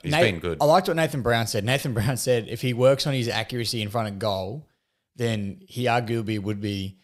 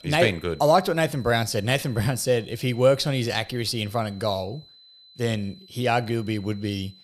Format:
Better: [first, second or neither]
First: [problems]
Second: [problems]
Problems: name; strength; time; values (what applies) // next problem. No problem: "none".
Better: first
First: none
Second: high-pitched whine; faint; throughout; 4 kHz, 25 dB below the speech